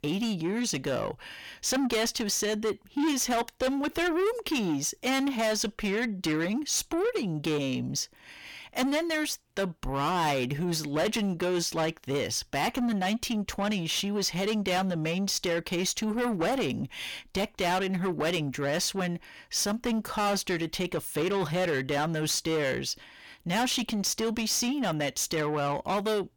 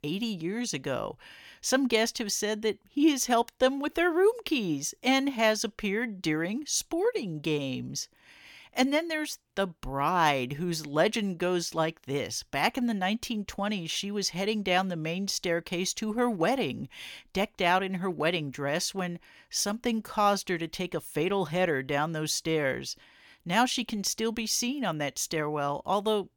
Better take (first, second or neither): second